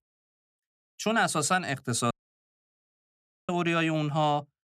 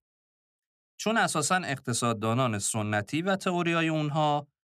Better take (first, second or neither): second